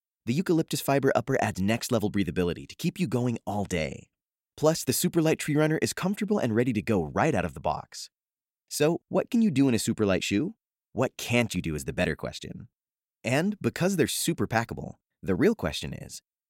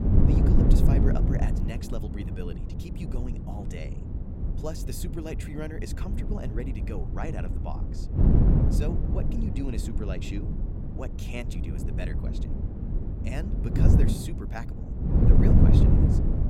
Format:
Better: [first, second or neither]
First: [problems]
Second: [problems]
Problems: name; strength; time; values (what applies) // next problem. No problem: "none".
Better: first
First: none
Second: wind noise on the microphone; heavy; 3 dB above the speech